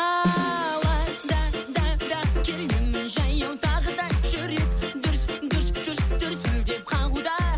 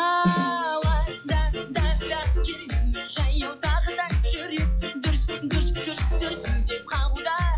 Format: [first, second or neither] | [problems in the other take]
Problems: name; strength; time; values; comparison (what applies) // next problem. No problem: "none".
first | noise reduction (classical method log-MMSE)